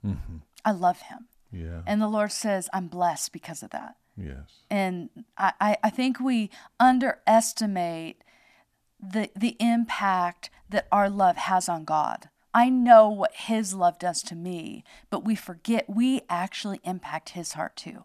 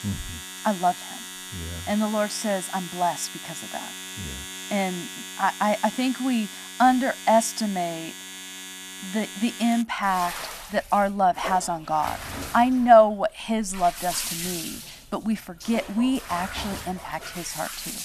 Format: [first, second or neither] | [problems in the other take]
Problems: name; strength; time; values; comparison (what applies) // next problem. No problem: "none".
first | household noises; noticeable; throughout; 10 dB below the speech